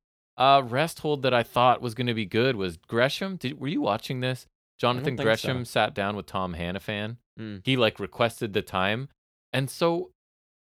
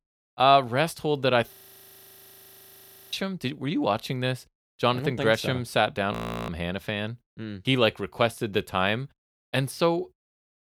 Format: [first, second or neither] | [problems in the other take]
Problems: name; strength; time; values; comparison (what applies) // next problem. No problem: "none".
first | audio freezing; at 1.5 s for 1.5 s and at 6 s